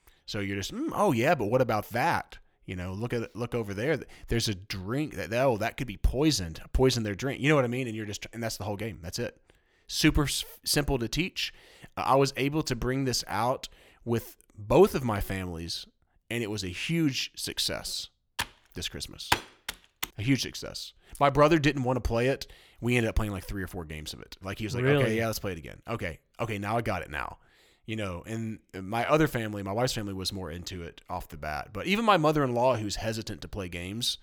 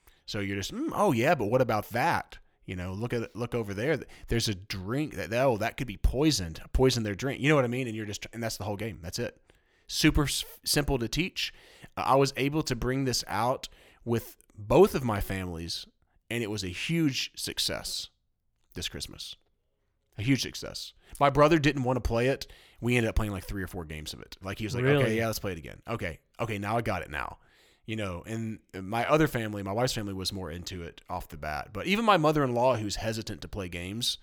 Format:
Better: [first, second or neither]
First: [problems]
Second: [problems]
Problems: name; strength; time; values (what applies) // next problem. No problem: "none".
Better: second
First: keyboard typing; noticeable; from 18 to 20 s; peak level with the speech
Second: none